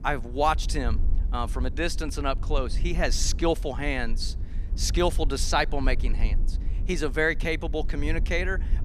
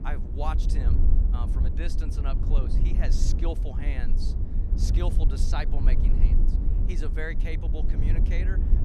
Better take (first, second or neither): first